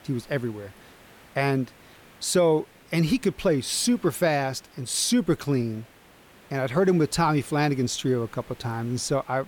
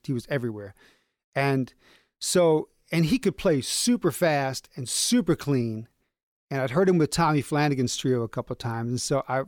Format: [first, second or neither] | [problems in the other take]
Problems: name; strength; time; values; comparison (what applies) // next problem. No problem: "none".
second | hiss; faint; throughout; 25 dB below the speech